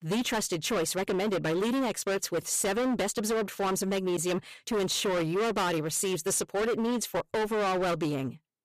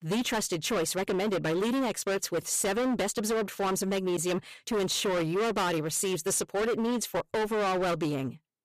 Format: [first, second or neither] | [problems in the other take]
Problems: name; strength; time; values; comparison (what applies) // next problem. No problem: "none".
neither | distortion; heavy; 27% of the sound clipped; the same in both